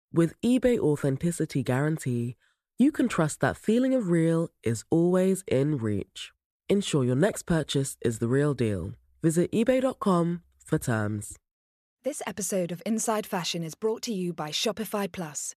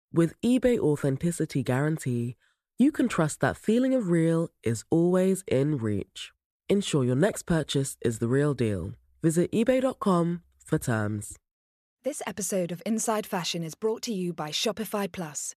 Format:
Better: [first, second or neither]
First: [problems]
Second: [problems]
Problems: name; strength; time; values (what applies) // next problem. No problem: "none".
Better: neither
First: none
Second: none